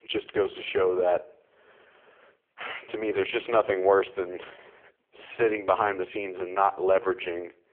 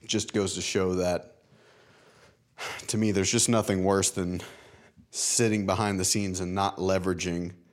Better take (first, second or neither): second